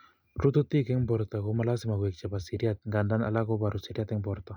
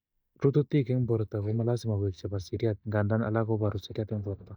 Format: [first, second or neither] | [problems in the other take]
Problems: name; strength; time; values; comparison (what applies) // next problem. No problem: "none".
first | noise reduction (neural mask model DeepFilterNet 3)